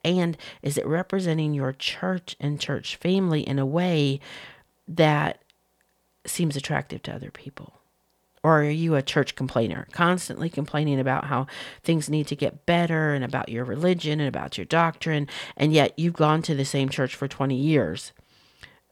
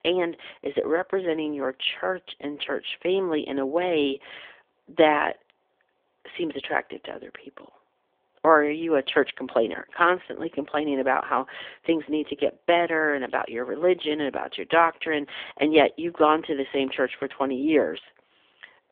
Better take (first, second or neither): first